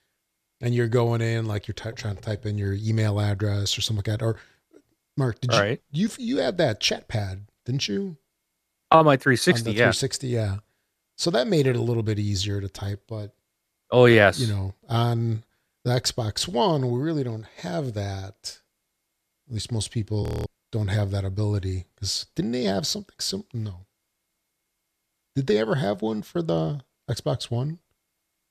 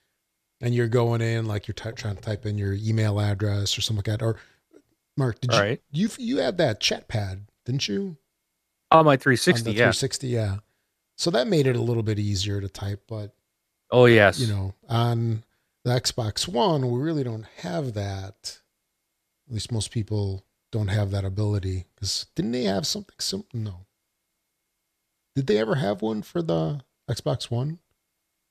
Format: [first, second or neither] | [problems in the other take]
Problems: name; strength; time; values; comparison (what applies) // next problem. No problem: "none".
second | audio freezing; at 20 s